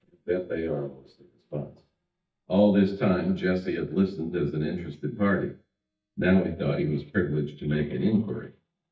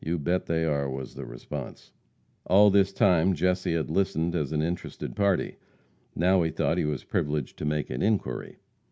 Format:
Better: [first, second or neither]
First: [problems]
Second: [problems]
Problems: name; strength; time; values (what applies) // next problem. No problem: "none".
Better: second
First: noise reduction (neural mask model DeepFilterNet 3)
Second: none